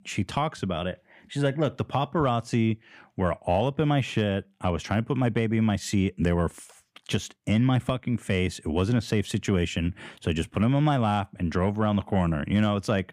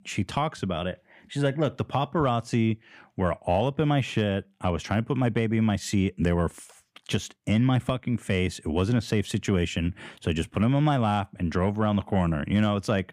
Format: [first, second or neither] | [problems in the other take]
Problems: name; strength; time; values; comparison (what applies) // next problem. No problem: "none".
neither | none